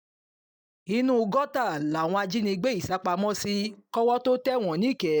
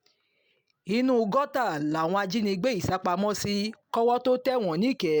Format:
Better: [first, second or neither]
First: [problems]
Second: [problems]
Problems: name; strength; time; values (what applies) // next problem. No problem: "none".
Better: second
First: noise reduction (neural mask model DeepFilterNet 3)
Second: none